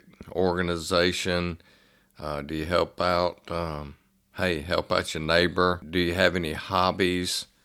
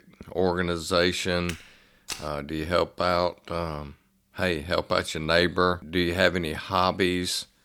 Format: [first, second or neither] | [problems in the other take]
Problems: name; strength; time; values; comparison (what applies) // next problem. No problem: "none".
first | footsteps; faint; at 1.5 s; peak 10 dB below the speech